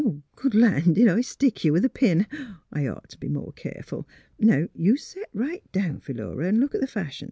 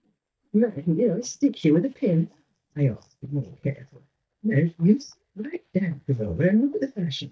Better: first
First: none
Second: noise reduction (neural mask model DeepFilterNet 3)

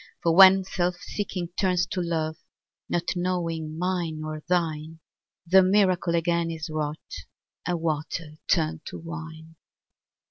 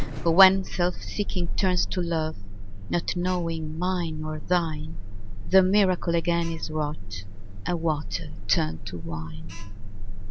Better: first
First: none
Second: background sound (Alarm); 1 dB below the speech

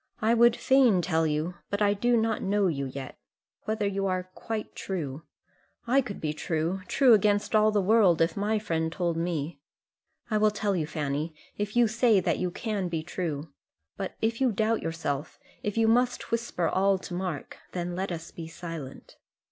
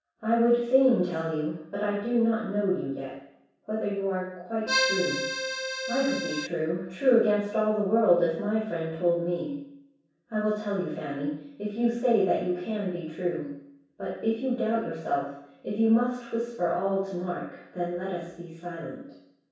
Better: first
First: none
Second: background sound (Accordion); 2 dB below the speech // room echo; dies away in 0.7 s

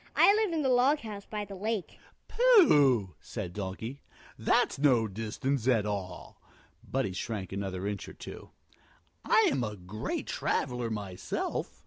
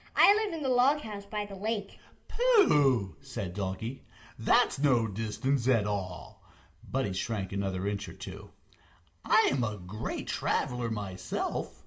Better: first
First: none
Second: room echo; dies away in 0.5 s

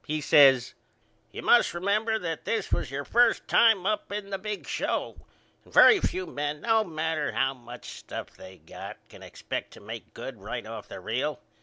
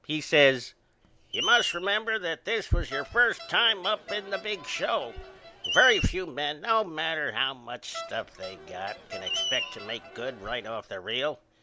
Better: first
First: none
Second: background sound (Crowd + Screech); 10 dB below the speech

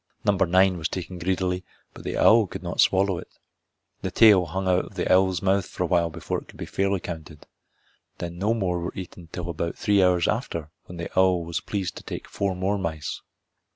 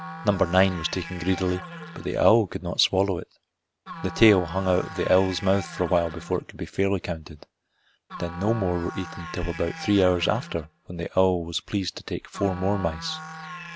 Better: first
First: none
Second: background sound (Musical instrument); 14 dB below the speech

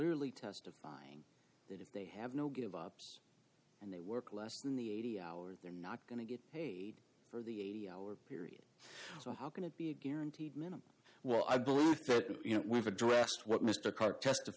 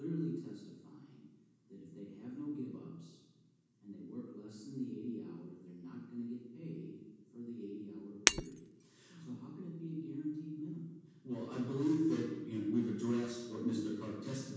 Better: first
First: none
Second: background sound (Shatter); 4 dB above the speech // room echo; dies away in 1.2 s

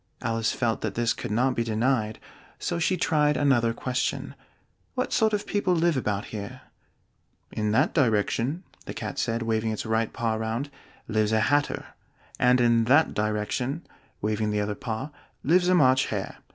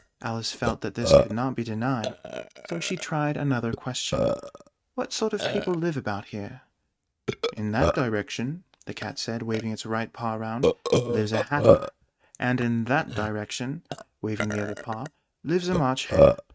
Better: first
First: none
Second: noise reduction (neural mask model RNNoise)

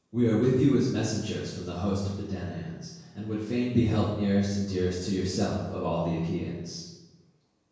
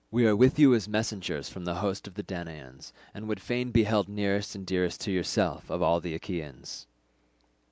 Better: second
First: room echo; dies away in 1 s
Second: none

